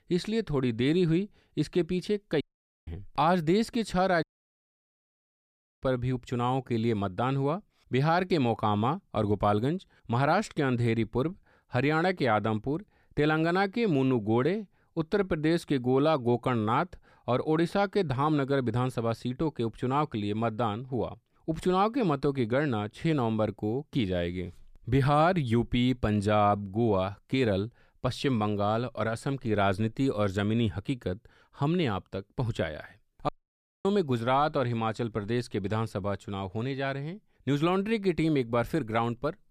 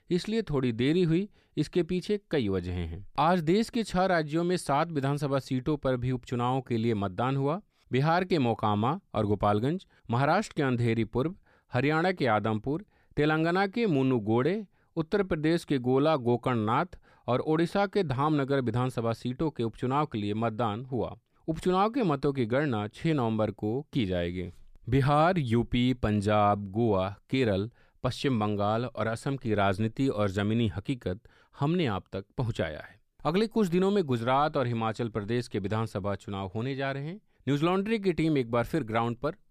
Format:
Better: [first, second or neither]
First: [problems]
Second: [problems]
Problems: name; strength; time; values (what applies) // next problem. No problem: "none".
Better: second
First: audio cutting out; at 2.5 s, at 4 s for 1.5 s and at 33 s for 0.5 s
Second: none